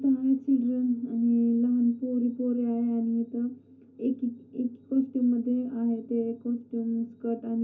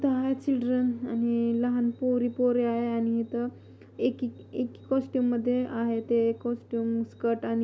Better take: second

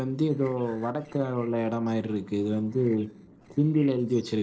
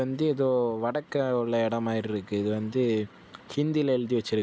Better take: second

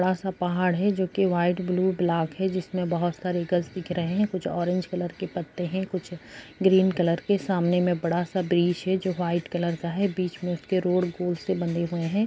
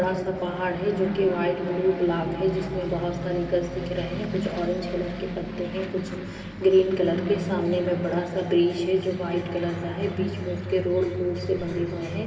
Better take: first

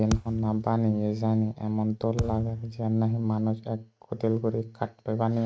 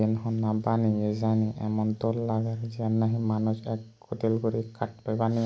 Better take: second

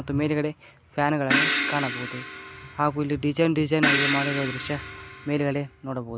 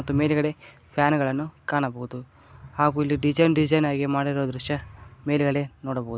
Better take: second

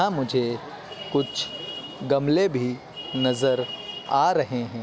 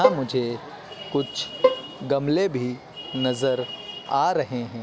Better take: first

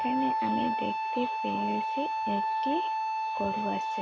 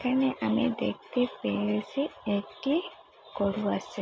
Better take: second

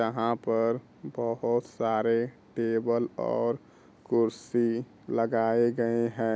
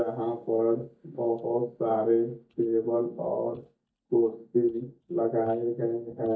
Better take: first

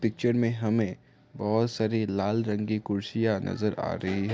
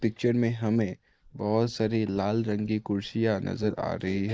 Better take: first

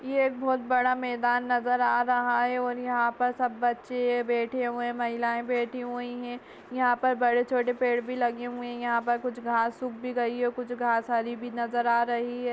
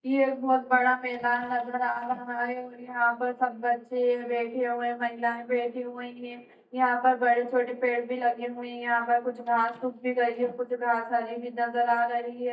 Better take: first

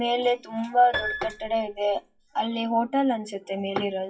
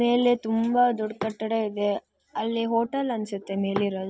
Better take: second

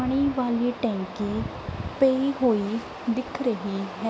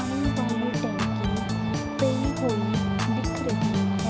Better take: first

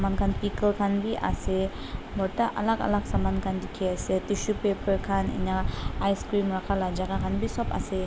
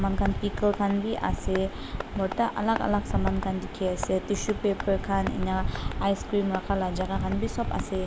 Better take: first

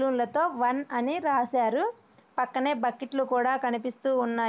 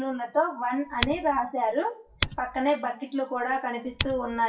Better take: first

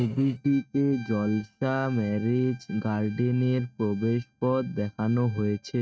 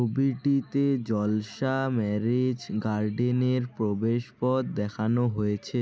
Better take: second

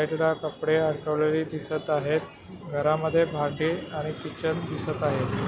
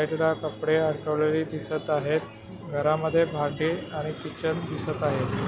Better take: first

